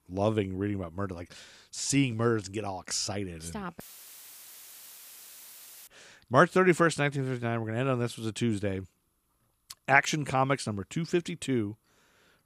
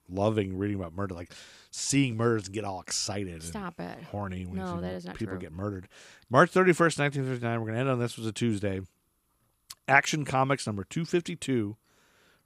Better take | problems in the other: second | audio cutting out; filled with static; at 4 s for 2 s

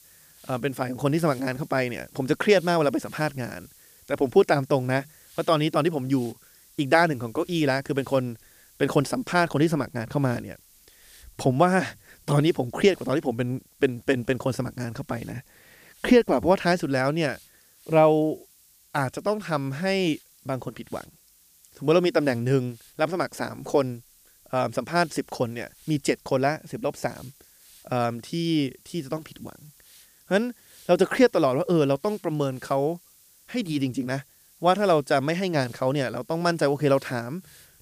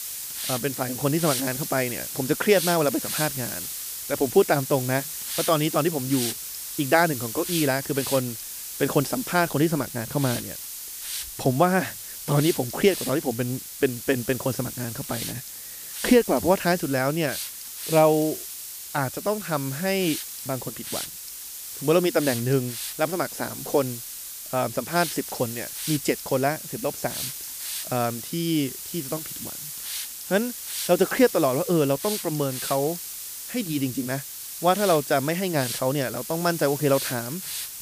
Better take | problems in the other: first | hiss; loud; throughout; 6 dB below the speech; faint in the first

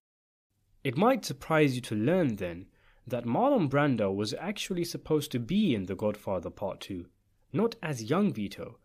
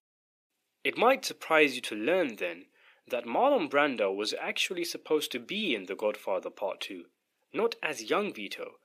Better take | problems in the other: first | thin; somewhat; fading below 350 Hz

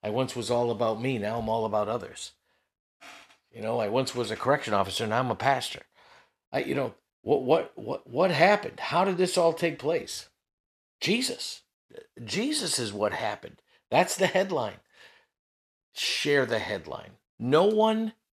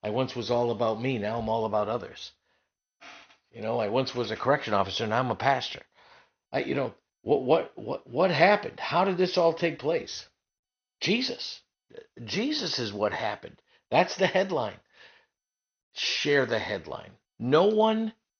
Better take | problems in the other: first | garbled, watery; slightly; nothing above 6 kHz

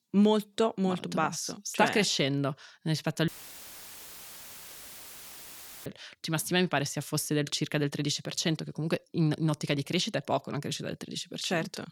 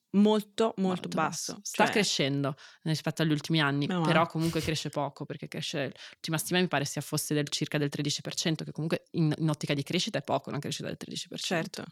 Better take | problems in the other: second | audio cutting out; filled with static; at 3.5 s for 2.5 s

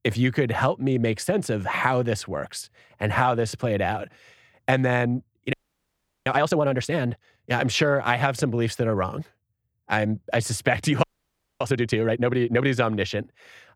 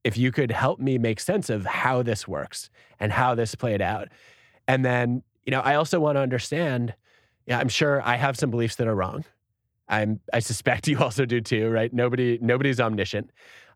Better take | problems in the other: second | audio freezing; at 5.5 s for 0.5 s and at 11 s for 0.5 s

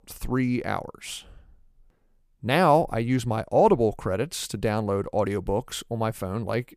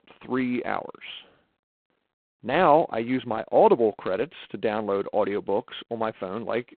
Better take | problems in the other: first | phone-call audio; poor line; nothing above 3.5 kHz

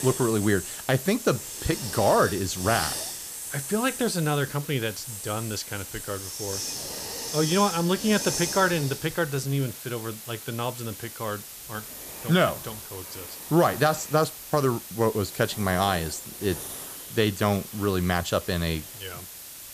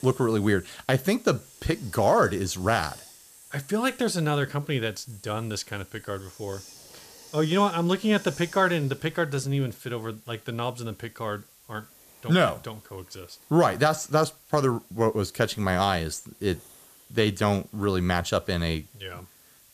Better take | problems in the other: second | hiss; loud; throughout; 8 dB below the speech; faint in the second

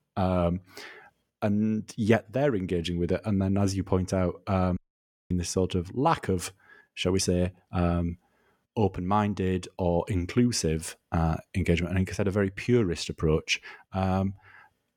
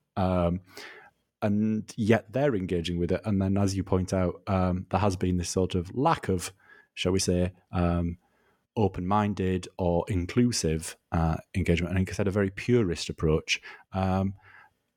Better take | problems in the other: second | audio cutting out; at 5 s for 0.5 s

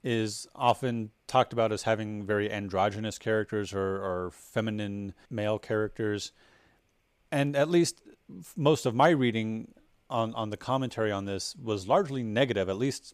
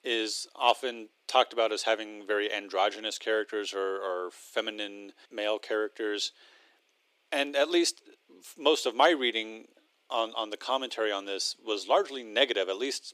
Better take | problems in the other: first | thin; somewhat; fading below 300 Hz

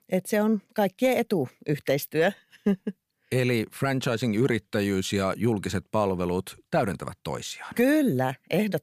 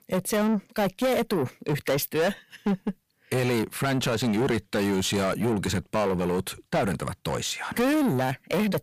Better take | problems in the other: first | distortion; heavy; 7 dB below the speech

